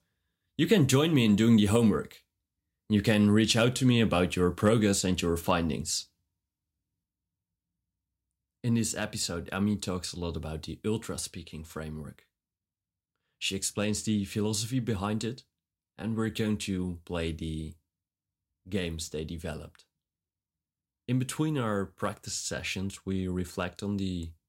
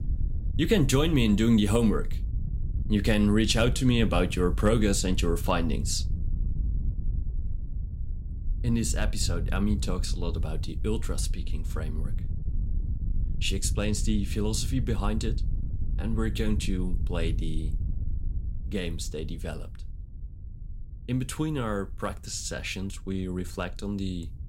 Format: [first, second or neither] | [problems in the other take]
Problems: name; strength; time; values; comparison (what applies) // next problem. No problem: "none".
first | wind noise on the microphone; occasional gusts; 20 dB below the speech